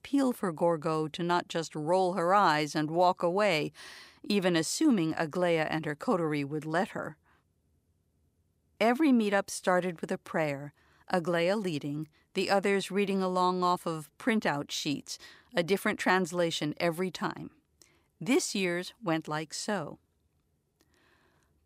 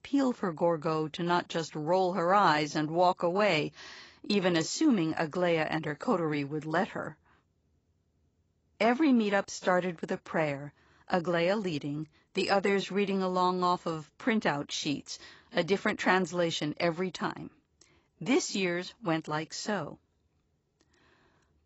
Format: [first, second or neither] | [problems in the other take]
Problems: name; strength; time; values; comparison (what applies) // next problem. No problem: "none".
first | garbled, watery; badly; nothing above 7.5 kHz